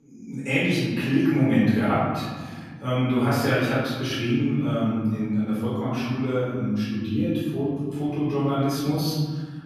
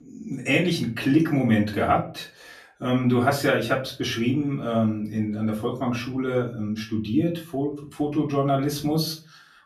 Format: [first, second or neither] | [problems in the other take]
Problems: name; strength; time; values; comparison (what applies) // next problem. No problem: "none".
second | room echo; strong; dies away in 1.7 s; slight in the second // off-mic speech; far; far in the second